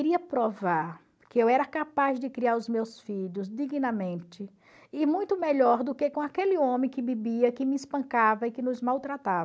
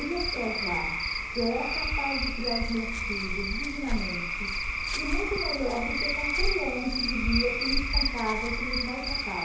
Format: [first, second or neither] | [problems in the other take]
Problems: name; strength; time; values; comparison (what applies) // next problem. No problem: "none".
first | background sound (Cricket / Frog); 3 dB above the speech // room echo; dies away in 2.2 s